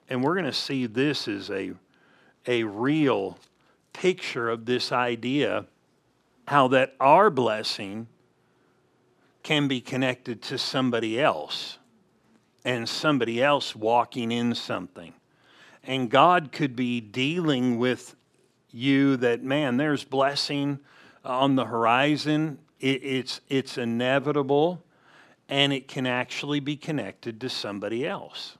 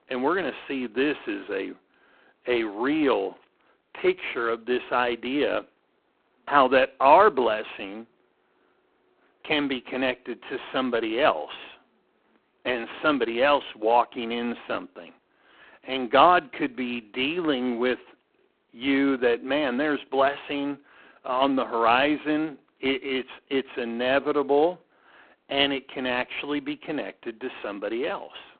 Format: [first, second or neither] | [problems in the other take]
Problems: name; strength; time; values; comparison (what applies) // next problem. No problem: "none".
first | phone-call audio; poor line